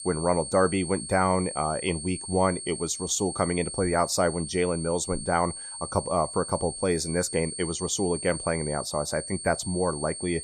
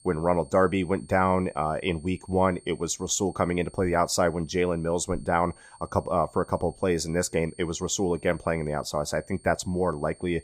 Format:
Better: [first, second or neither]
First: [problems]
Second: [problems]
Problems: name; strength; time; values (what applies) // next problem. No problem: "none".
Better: second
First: high-pitched whine; loud; throughout; 8.5 kHz, 8 dB below the speech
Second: high-pitched whine; faint; throughout; 8.5 kHz, 25 dB below the speech